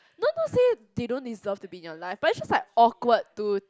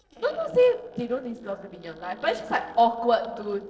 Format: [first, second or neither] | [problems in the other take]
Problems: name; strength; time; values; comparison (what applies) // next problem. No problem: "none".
first | noise reduction (neural separator model SepFormer DNS4)